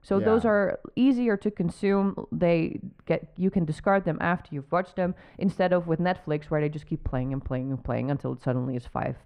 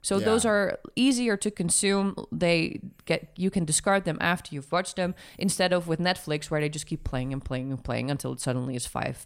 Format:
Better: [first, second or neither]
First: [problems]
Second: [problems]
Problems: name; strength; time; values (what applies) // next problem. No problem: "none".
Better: second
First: muffled; very; fading above 4 kHz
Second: none